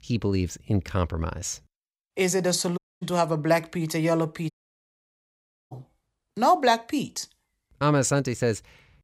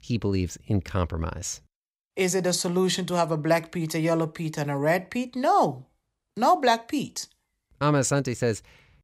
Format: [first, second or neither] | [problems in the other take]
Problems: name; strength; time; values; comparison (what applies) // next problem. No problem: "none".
second | audio cutting out; at 3 s and at 4.5 s for 1 s